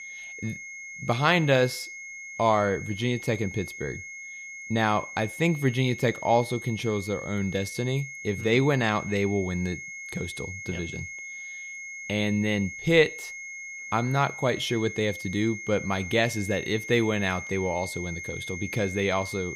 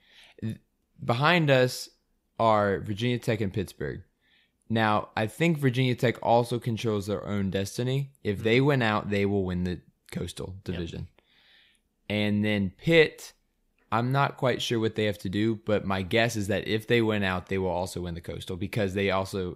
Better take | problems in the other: second | high-pitched whine; loud; throughout; 2 kHz, 10 dB below the speech

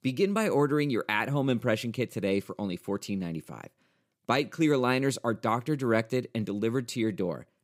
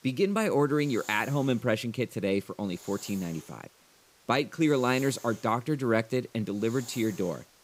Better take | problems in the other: first | hiss; noticeable; throughout; 20 dB below the speech

